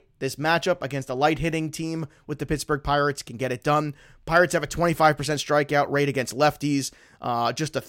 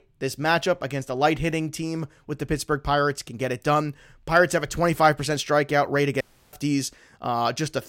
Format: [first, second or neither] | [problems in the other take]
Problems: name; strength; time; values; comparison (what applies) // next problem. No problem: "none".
first | audio cutting out; at 6 s